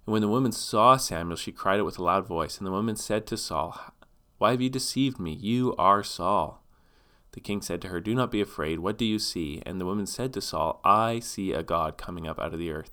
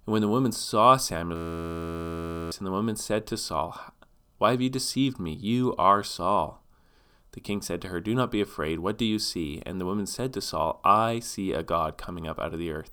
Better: first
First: none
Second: audio freezing; at 1.5 s for 1 s

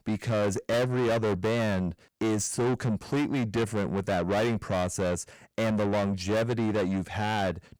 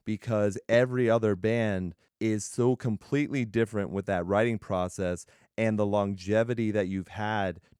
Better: second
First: distortion; heavy; 6 dB below the speech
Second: none

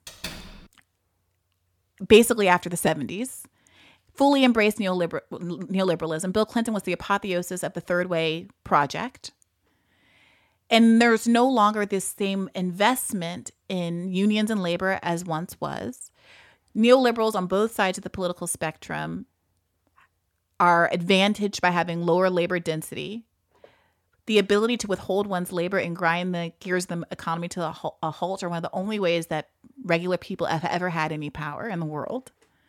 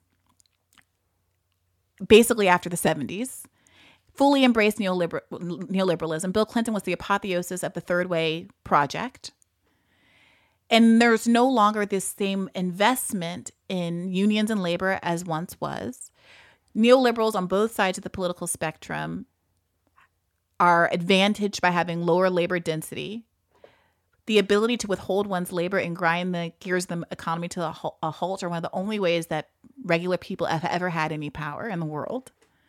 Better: second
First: door banging; faint; at the start; peak 10 dB below the speech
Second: none

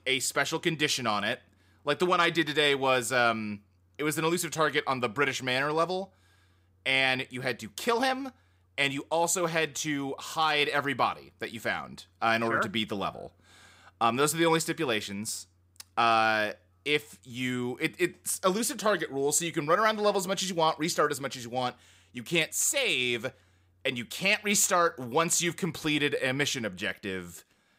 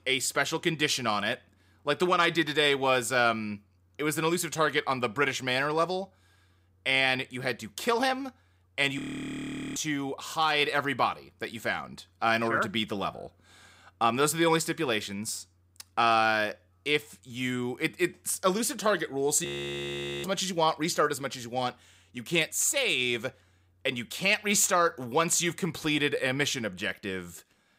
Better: first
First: none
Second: audio freezing; at 9 s for 1 s and at 19 s for 1 s

